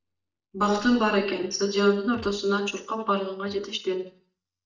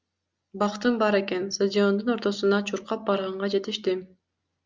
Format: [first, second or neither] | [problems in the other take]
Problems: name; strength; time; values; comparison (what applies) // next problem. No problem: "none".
second | noise reduction (neural mask model DeepFilterNet 3)